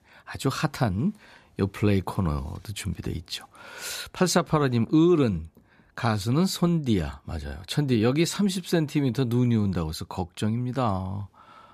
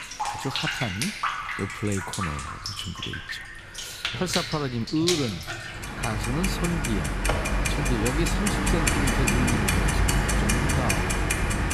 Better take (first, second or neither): first